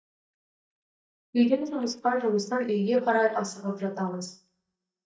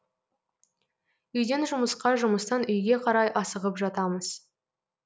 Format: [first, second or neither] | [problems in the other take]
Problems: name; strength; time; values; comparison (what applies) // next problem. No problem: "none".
second | noise reduction (neural mask model DeepFilterNet 3)